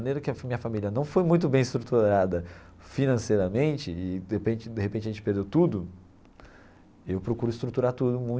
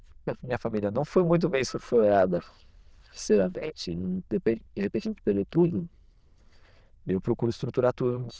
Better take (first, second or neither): first